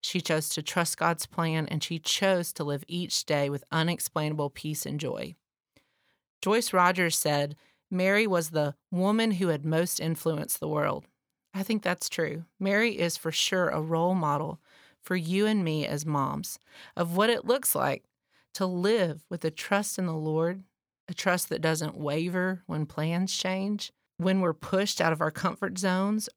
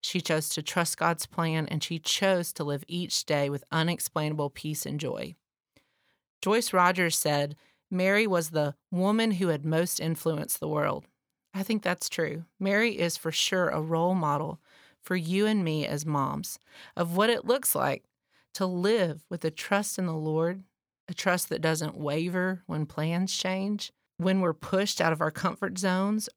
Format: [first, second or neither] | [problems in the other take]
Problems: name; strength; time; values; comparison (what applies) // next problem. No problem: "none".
neither | none